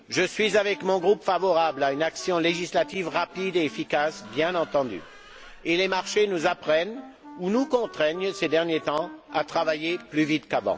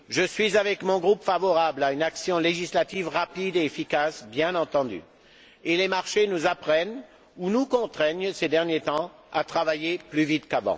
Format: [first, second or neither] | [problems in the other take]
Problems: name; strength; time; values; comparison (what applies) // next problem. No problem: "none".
second | background sound (Squeak + Wind instrument, woodwind instrument); 20 dB below the speech